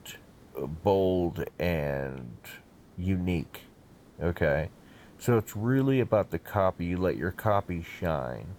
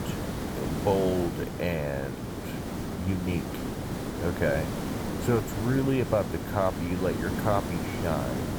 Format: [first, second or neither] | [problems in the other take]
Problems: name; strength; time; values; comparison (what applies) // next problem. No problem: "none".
first | hiss; loud; throughout; 4 dB below the speech; faint in the first